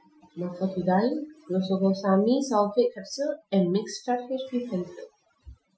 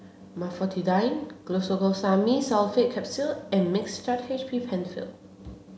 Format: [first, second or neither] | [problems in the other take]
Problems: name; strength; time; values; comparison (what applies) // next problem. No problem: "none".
second | noise reduction (classical method Wiener filter)